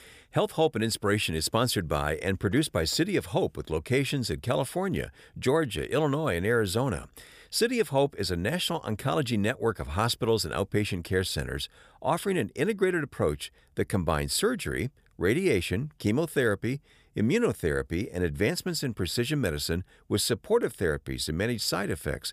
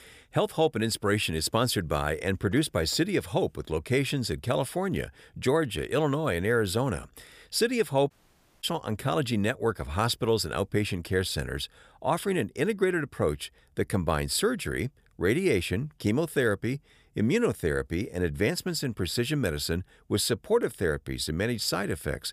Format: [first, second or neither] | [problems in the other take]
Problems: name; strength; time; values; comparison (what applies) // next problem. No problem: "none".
first | audio cutting out; at 8 s for 0.5 s